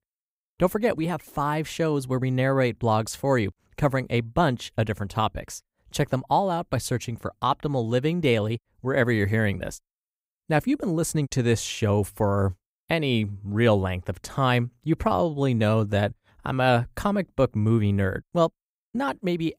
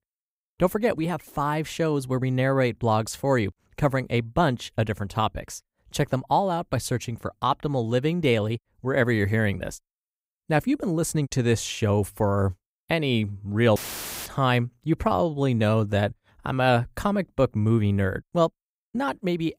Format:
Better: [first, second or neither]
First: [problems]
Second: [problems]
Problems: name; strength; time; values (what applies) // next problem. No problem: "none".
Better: first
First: none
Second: audio cutting out; filled with static; at 14 s for 0.5 s